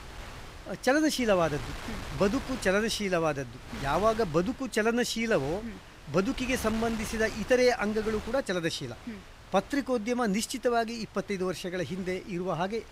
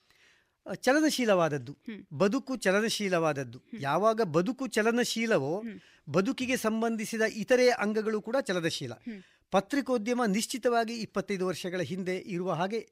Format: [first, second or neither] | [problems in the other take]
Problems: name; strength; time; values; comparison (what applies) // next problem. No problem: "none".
second | wind noise on the microphone; occasional gusts; 15 dB below the speech